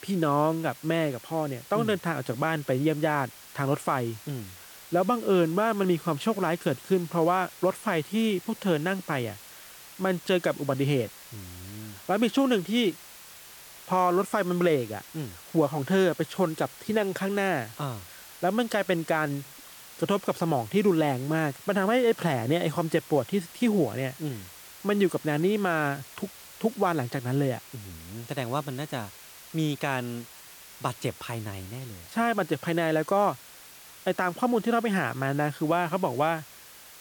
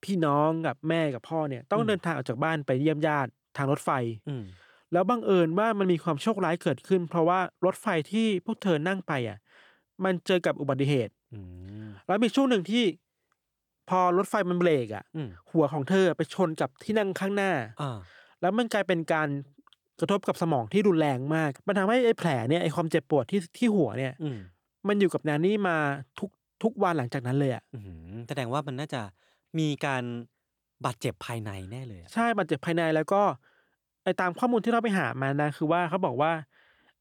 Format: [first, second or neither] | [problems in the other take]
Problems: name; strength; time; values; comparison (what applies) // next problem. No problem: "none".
second | hiss; noticeable; throughout; 15 dB below the speech